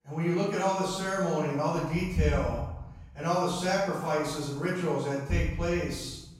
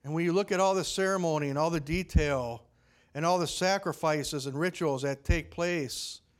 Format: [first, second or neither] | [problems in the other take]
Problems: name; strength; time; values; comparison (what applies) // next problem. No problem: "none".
second | off-mic speech; far // room echo; strong; dies away in 0.9 s